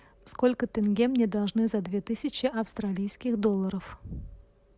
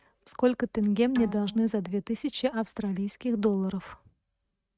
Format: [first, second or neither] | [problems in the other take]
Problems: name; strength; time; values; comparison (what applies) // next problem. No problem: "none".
first | noise reduction (neural mask model RNNoise)